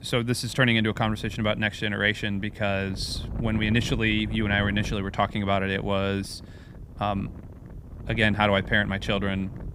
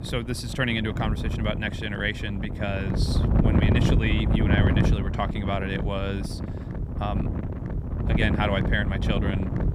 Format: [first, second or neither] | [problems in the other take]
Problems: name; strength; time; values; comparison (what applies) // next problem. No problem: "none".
first | wind noise on the microphone; heavy; 5 dB below the speech; occasional gusts in the first